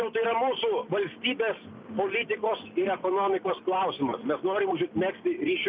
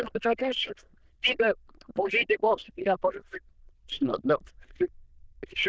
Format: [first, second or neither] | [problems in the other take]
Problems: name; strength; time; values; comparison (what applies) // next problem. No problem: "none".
first | noise reduction (neural diffusion model UNIVERSE++)